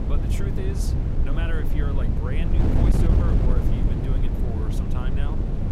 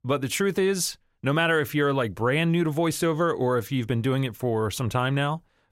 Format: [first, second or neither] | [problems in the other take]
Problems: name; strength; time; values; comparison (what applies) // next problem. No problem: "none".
second | wind noise on the microphone; heavy; 3 dB above the speech